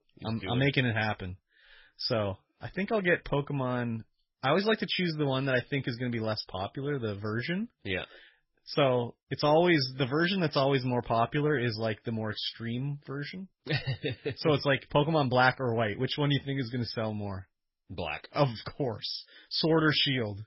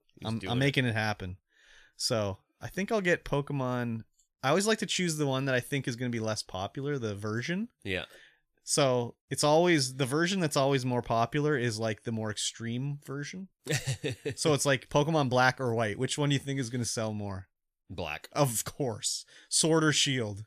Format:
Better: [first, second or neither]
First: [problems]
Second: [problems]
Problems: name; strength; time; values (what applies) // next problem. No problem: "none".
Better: second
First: garbled, watery; badly; nothing above 5.5 kHz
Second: none